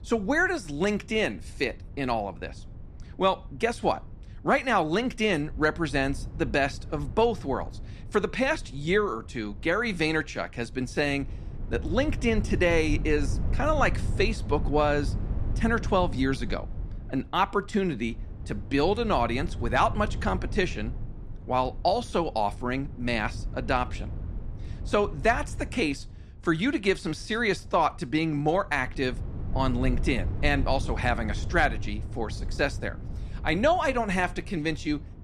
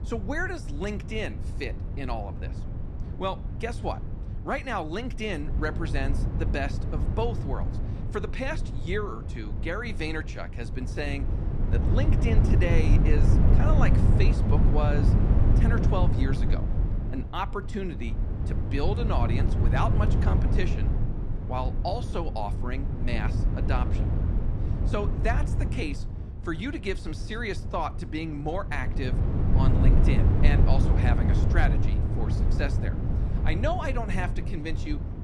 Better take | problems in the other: first | low rumble; loud; throughout; 5 dB below the speech; faint in the first

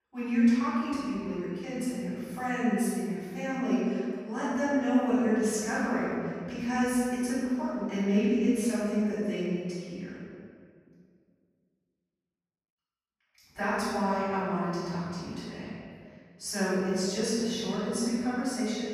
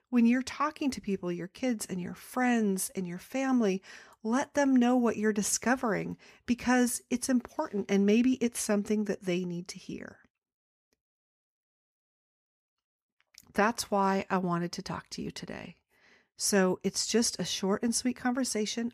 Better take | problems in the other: second | room echo; strong; dies away in 1.9 s // off-mic speech; far

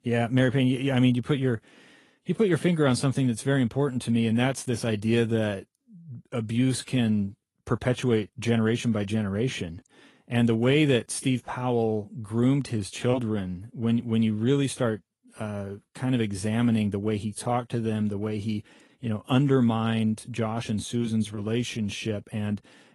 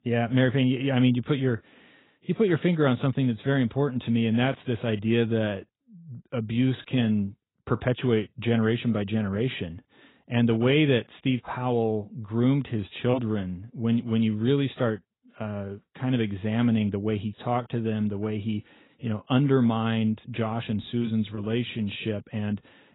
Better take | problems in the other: first | garbled, watery; badly; nothing above 3.5 kHz; slightly in the first

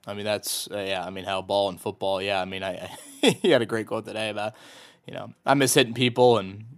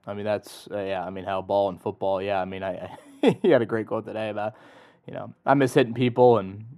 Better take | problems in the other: first | muffled; very; fading above 2.5 kHz

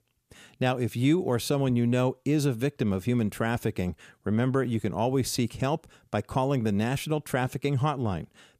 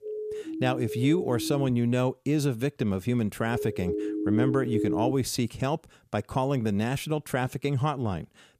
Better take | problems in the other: first | siren; noticeable; until 1.5 s; peak 7 dB below the speech // siren; loud; from 3.5 to 5 s; peak level with the speech

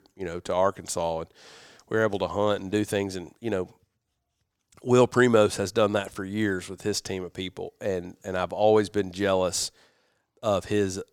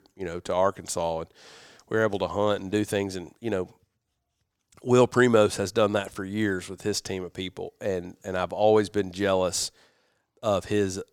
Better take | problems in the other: neither | none

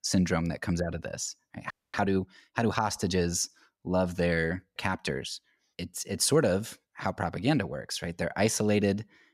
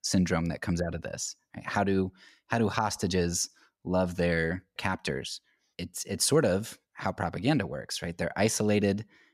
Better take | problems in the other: second | audio freezing; at 1.5 s

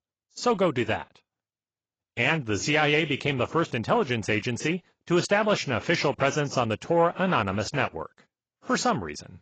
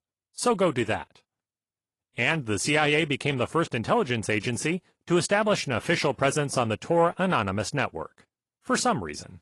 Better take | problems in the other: second | garbled, watery; badly; nothing above 7.5 kHz; slightly in the second

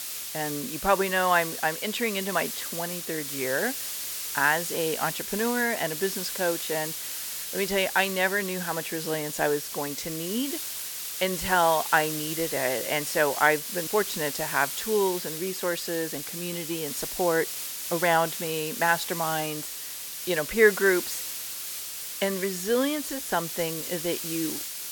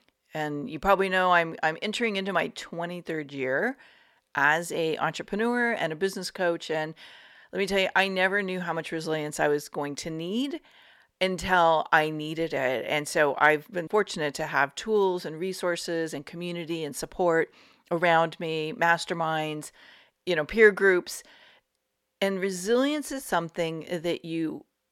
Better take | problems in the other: second | hiss; loud; throughout; 5 dB below the speech

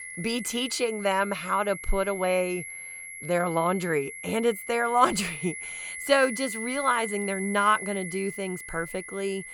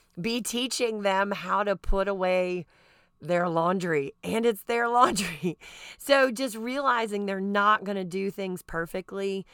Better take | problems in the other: second | high-pitched whine; loud; throughout; 2 kHz, 9 dB below the speech

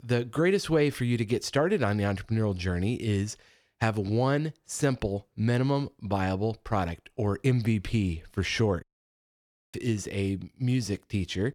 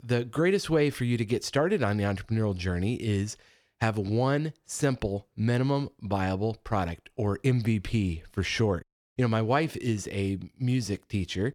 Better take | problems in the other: second | audio freezing; at 9 s for 1 s

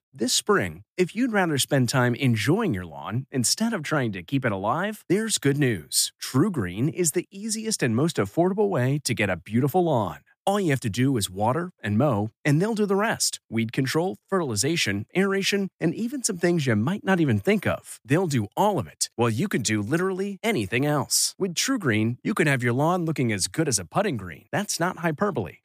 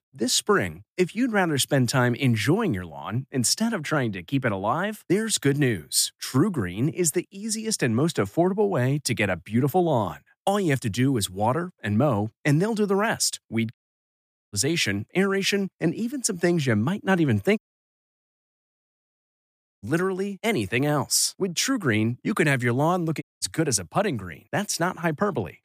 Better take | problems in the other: first | audio cutting out; at 14 s for 1 s, at 18 s for 2 s and at 23 s

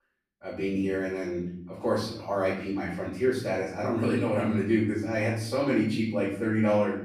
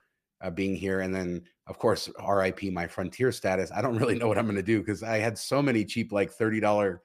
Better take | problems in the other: second | off-mic speech; far // room echo; noticeable; dies away in 0.7 s

